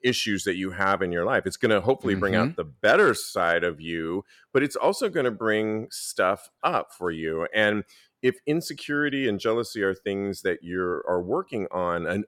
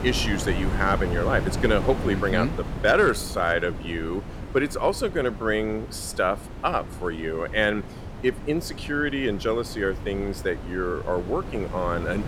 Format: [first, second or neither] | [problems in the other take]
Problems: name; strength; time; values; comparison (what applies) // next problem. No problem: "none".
first | wind noise on the microphone; occasional gusts; 15 dB below the speech